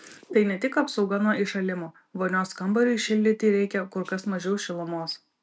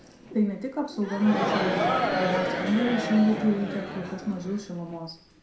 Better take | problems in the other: first | background sound (Crowd); 2 dB below the speech // room echo; dies away in 0.5 s

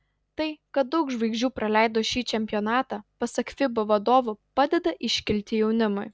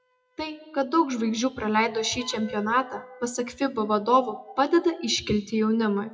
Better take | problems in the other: first | noise reduction (classical method WPE with log-MMSE)

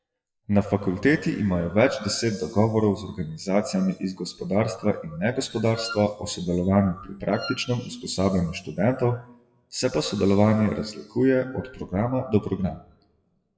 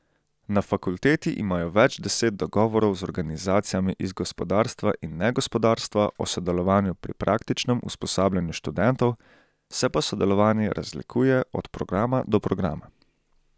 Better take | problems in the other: second | noise reduction (classical method WPE with log-MMSE)

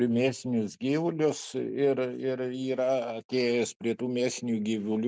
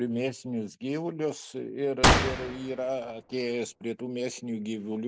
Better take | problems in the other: first | background sound (Gunshot, gunfire); 3 dB above the speech

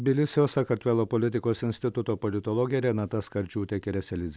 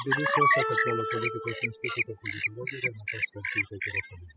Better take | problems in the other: first | noise reduction (classical method spectral subtraction)

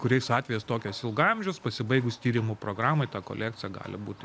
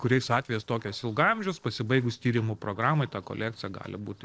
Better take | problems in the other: first | noise reduction (neural separator model SepFormer DNS4)

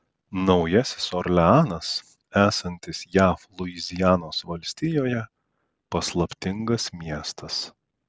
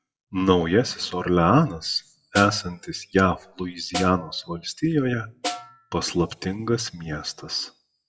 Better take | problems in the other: first | noise reduction (classical method WPE with log-MMSE)

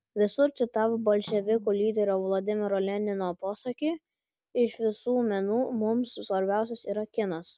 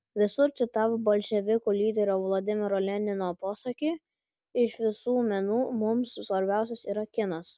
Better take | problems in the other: second | background sound (Snare drum); 20 dB below the speech

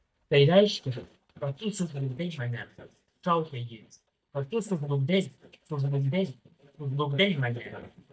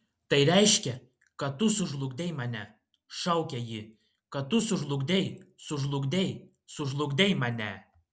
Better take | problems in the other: second | noise reduction (neural mask model DeepFilterNet 3)

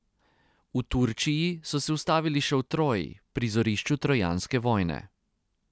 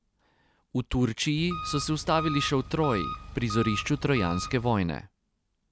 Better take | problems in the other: first | background sound (Engine); 8 dB below the speech

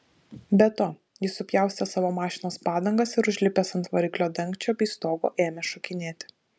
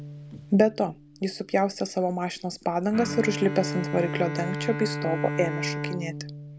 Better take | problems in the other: first | background sound (Bowed string instrument); 7 dB below the speech

